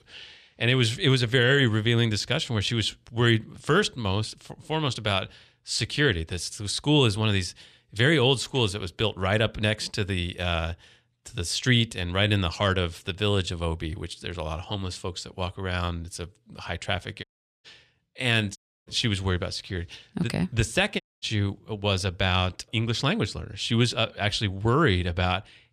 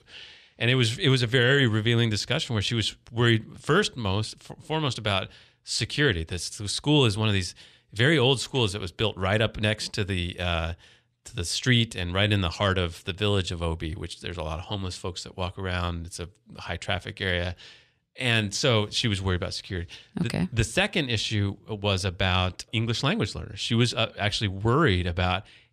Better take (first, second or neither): second